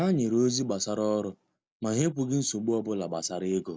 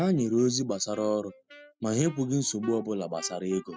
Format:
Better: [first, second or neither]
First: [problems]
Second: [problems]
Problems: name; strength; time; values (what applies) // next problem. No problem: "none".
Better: first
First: none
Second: noise reduction (classical method spectral subtraction)